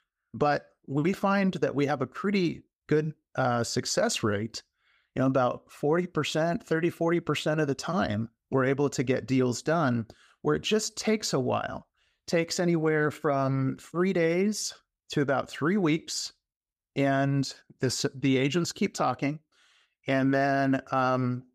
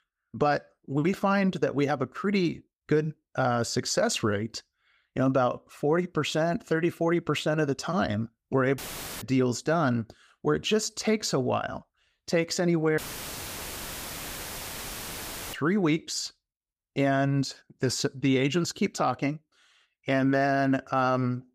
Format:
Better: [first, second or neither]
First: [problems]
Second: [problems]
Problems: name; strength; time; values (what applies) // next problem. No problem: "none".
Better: first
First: none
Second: audio cutting out; filled with static; at 9 s and at 13 s for 2.5 s